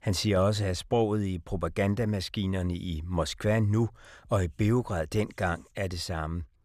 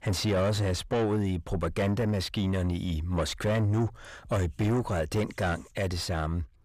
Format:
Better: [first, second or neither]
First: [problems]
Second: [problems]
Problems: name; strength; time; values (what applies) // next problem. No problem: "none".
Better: first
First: none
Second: distortion; slight; 10 dB below the speech